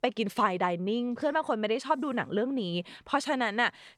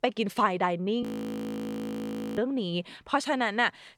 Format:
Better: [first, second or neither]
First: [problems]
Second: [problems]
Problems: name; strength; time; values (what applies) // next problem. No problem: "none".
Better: first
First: none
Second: audio freezing; at 1 s for 1.5 s